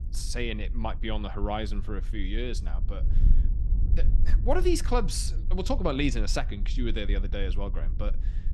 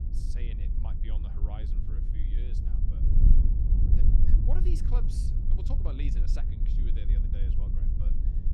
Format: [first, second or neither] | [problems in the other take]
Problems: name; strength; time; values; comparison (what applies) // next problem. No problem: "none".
first | wind noise on the microphone; heavy; 2 dB above the speech; occasional gusts in the first